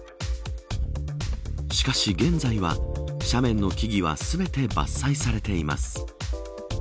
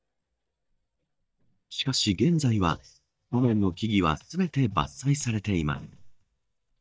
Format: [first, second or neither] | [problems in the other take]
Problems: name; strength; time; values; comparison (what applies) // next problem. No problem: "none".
first | noise reduction (neural mask model DeepFilterNet 3)